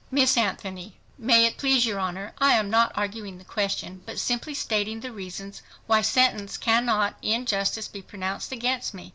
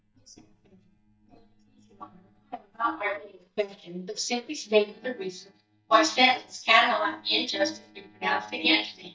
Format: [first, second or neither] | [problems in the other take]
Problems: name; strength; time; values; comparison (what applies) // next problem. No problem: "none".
first | noise reduction (neural mask model DeepFilterNet 3)